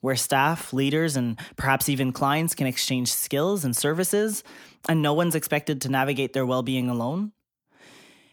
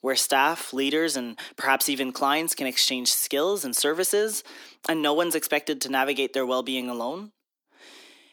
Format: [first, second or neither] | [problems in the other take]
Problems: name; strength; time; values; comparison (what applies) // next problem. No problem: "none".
first | thin; very slightly; fading below 300 Hz